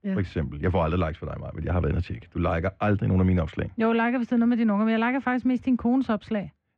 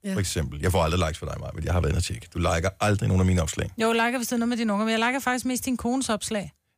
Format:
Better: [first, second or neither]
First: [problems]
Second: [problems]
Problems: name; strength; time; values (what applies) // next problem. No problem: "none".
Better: second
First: muffled; very; fading above 2.5 kHz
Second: none